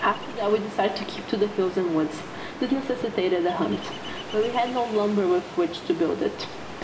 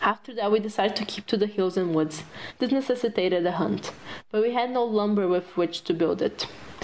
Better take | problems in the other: second | background sound (Ocean); 12 dB below the speech // room echo; dies away in 0.7 s

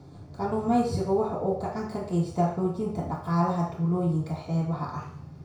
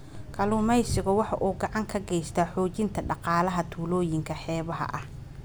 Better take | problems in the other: second | room echo; dies away in 0.5 s

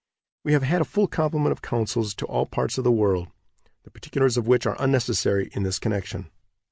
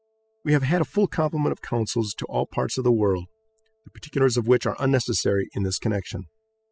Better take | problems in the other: first | noise reduction (classical method spectral subtraction)

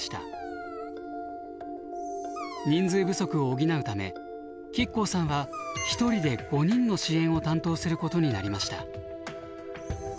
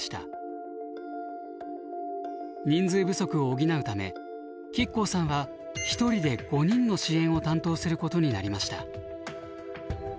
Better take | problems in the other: second | background sound (Dog); 18 dB below the speech

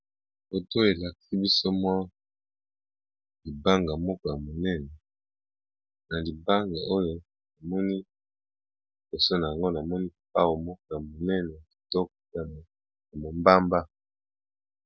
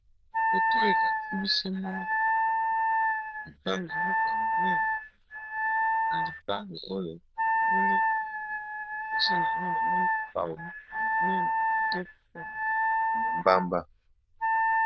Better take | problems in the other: first | noise reduction (neural diffusion model UNIVERSE++)

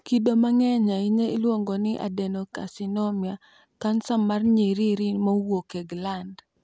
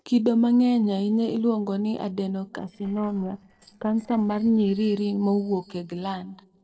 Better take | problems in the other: first | noise reduction (neural separator model SepFormer DNS4)

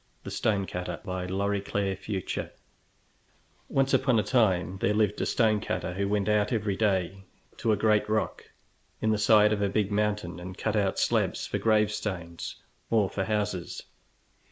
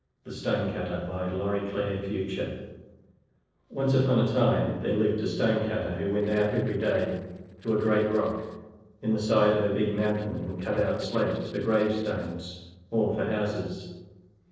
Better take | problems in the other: first | noise reduction (neural separator model SepFormer DNS4)

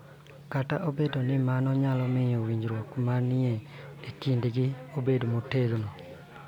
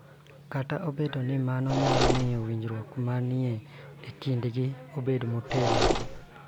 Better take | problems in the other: first | background sound (Mechanisms); 2 dB above the speech

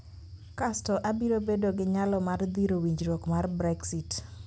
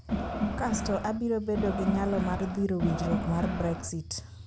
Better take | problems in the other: first | background sound (Crowd); 1 dB below the speech

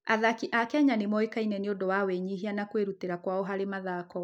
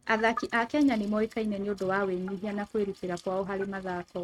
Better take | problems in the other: first | noise reduction (neural mask model RNNoise)

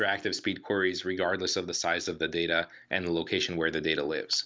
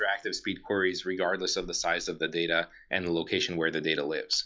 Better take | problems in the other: first | noise reduction (classical method log-MMSE)

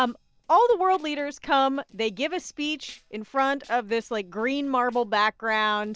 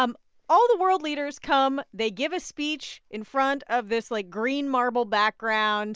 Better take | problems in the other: second | noise reduction (neural separator model SepFormer DNS4)

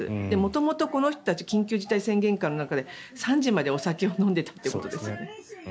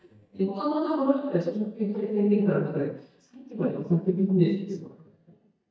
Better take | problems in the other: first | noise reduction (neural mask model DeepFilterNet 3)

